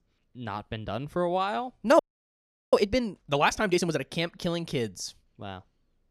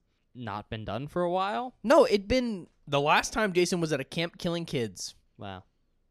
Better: second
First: audio freezing; at 2 s for 0.5 s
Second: none

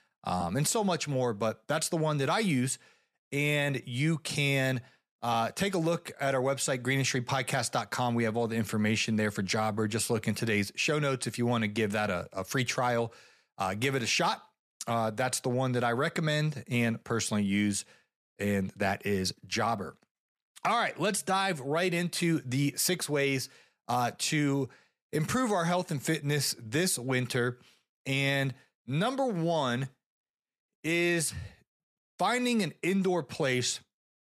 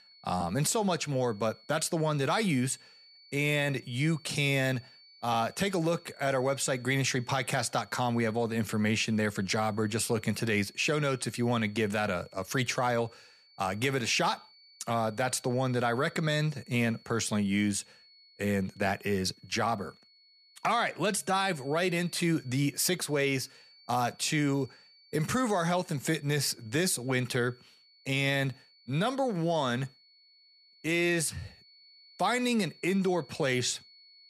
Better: first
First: none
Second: high-pitched whine; faint; throughout; 4.5 kHz, 25 dB below the speech

